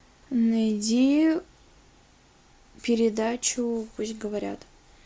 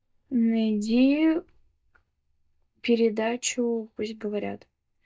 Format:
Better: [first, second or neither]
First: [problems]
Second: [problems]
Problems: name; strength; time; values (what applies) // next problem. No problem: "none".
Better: first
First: none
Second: noise reduction (neural mask model DeepFilterNet 3)